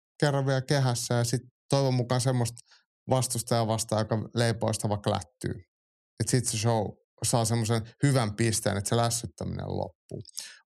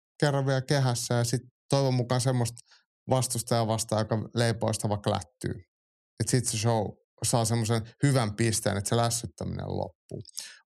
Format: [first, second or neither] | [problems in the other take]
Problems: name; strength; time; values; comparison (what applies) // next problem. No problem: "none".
neither | none